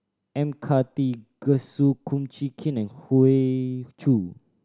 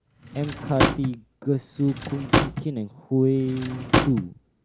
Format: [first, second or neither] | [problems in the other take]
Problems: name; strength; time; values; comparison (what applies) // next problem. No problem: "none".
first | background sound (Drawer open or close / Wood); 1 dB below the speech